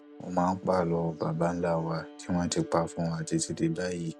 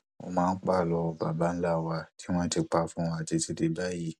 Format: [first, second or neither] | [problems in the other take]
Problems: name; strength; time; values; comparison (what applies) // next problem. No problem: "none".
second | background sound (Bowed string instrument); 18 dB below the speech